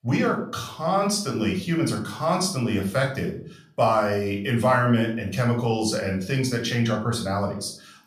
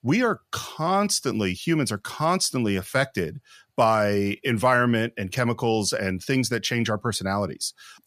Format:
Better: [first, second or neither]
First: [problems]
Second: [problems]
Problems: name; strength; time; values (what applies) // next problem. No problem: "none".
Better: second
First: off-mic speech; somewhat distant // room echo; slight; dies away in 0.4 s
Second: none